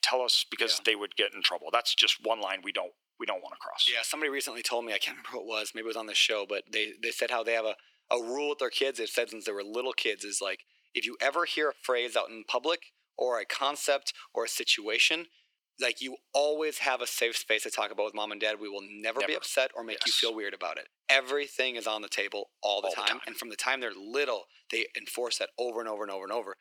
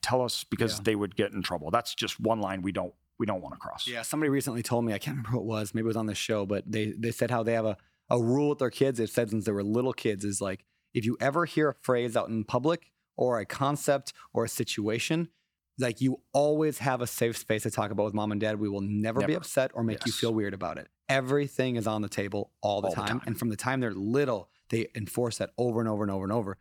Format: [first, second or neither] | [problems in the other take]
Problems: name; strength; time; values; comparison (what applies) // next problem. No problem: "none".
second | thin; very; fading below 400 Hz